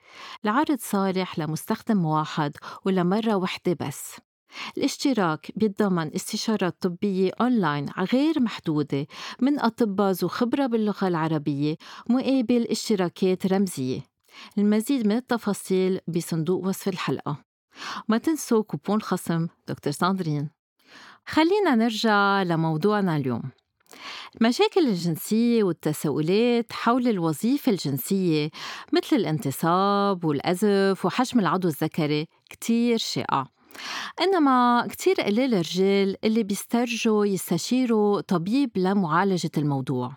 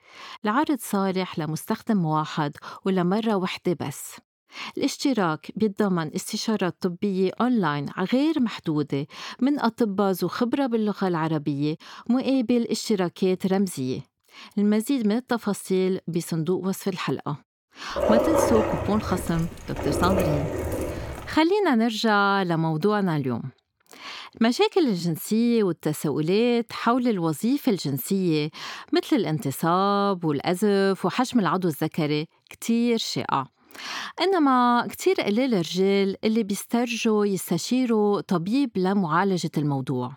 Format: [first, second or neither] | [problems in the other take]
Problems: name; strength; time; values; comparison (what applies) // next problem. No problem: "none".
first | dog barking; loud; from 18 to 21 s; peak 3 dB above the speech